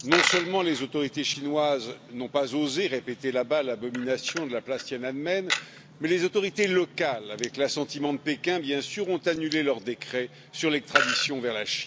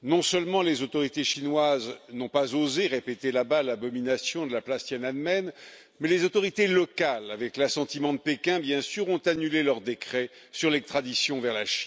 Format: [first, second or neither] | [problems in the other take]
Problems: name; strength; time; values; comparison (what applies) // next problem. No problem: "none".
second | background sound (Coin (dropping)); 7 dB below the speech